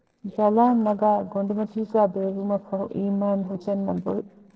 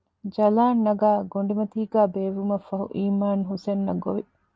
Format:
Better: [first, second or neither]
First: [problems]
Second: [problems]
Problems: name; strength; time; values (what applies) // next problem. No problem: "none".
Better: second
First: noise reduction (neural separator model SepFormer DNS4)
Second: none